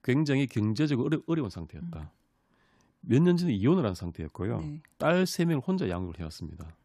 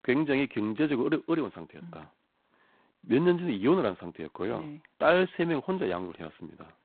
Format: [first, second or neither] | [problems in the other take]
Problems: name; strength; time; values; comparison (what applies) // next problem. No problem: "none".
first | phone-call audio; poor line; nothing above 4 kHz